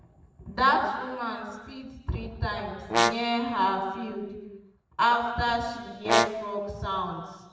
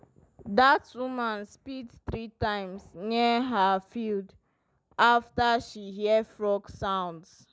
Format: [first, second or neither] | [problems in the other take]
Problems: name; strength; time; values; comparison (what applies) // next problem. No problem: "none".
second | background sound (Brass instrument); as loud as the speech // room echo; dies away in 1.3 s